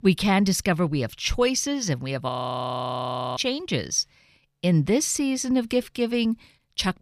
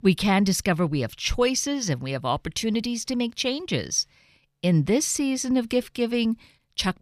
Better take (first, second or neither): second